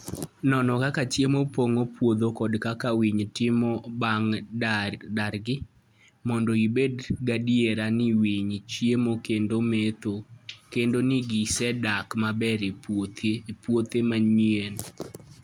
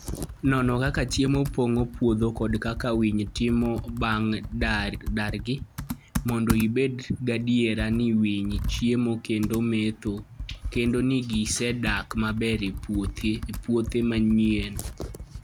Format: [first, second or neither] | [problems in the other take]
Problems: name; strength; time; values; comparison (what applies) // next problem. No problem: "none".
first | background sound (Computer keyboard); 9 dB below the speech